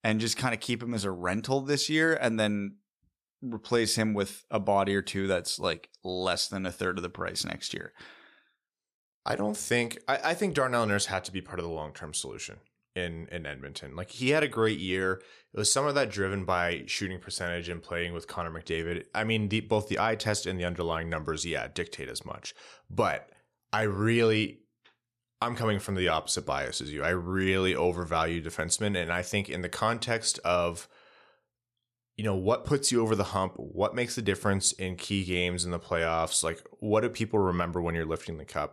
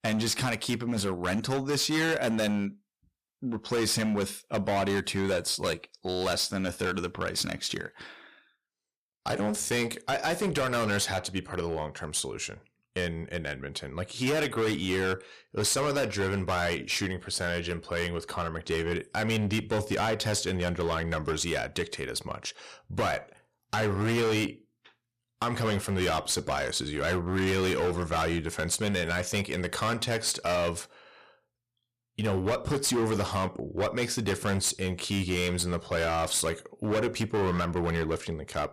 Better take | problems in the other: first | distortion; heavy; 14% of the sound clipped

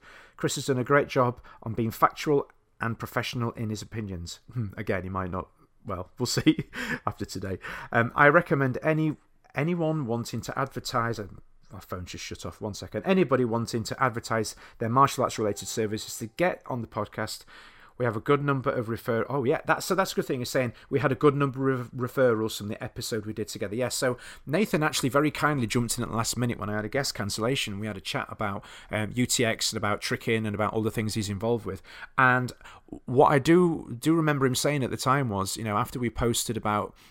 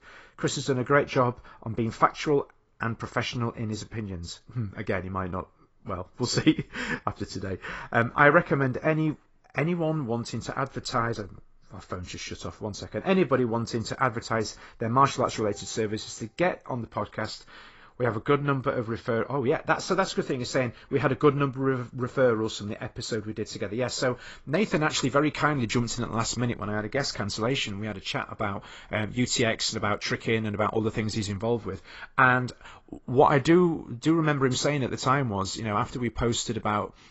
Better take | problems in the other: first | garbled, watery; badly; nothing above 7.5 kHz

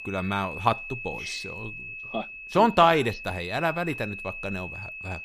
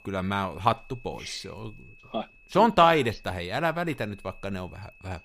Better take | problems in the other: second | high-pitched whine; loud; throughout; 2.5 kHz, 10 dB below the speech; faint in the second

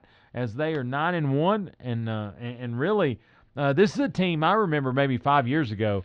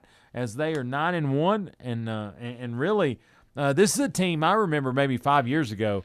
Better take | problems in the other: second | muffled; slightly; fading above 4 kHz

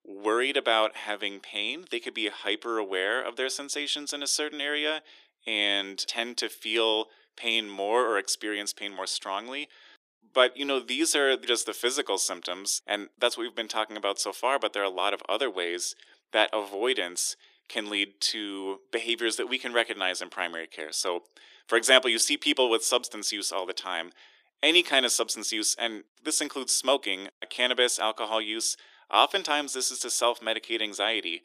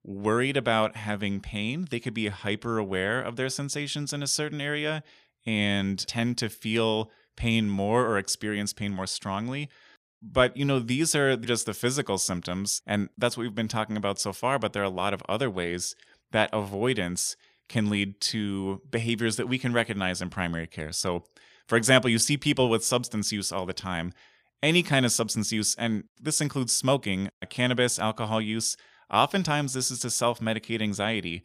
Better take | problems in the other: second | thin; somewhat; fading below 300 Hz

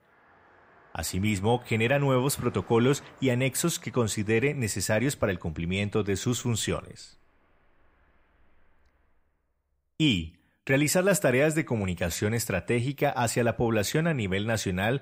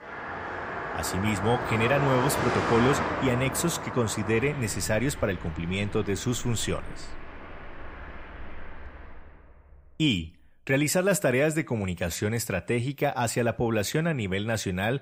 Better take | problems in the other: first | traffic noise; loud; until 9 s; 6 dB below the speech; faint in the first

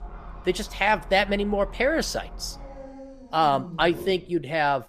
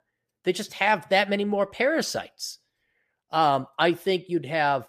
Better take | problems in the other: second | animal sounds; noticeable; throughout; 15 dB below the speech

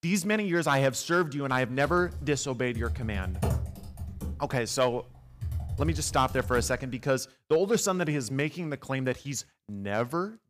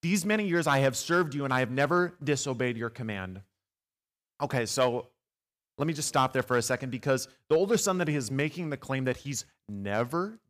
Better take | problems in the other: second | keyboard typing; noticeable; from 2 to 7 s; peak 2 dB below the speech

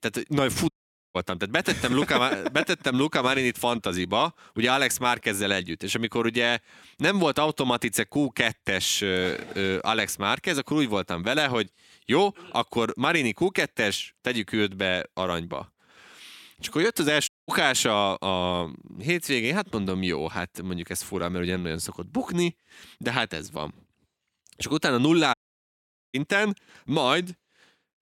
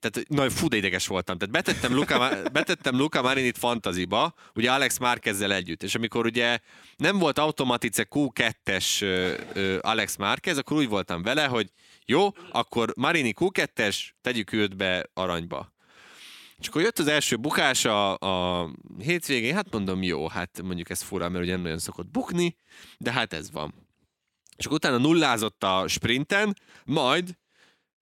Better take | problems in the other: second | audio cutting out; at 0.5 s, at 17 s and at 25 s for 1 s

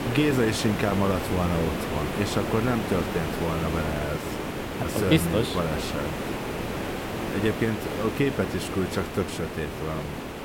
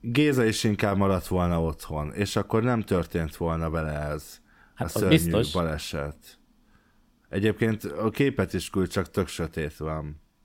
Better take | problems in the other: second | hiss; loud; throughout; 3 dB below the speech

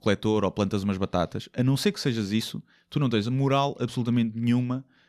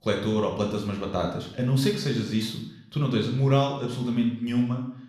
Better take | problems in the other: first | room echo; noticeable; dies away in 0.6 s // off-mic speech; somewhat distant

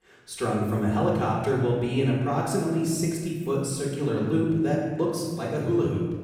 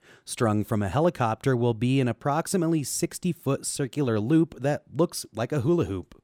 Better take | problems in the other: second | off-mic speech; far // room echo; noticeable; dies away in 1.4 s

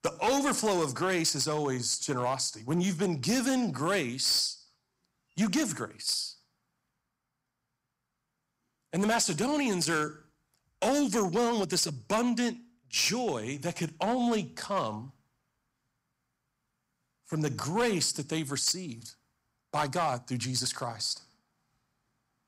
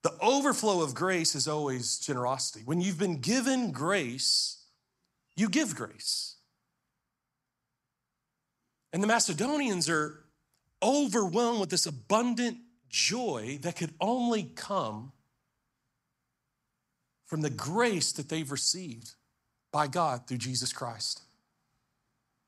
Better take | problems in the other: second | distortion; slight; 4% of the sound clipped

